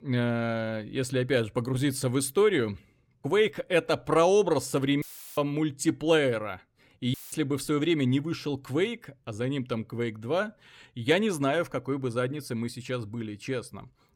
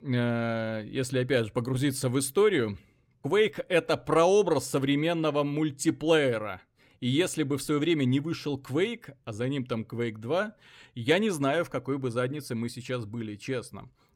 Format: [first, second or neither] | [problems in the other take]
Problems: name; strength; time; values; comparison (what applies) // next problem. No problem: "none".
second | audio cutting out; filled with static; at 5 s and at 7 s